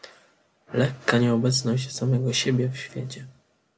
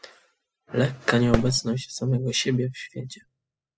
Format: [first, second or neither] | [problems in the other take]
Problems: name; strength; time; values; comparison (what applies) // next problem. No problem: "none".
first | noise reduction (classical method spectral subtraction)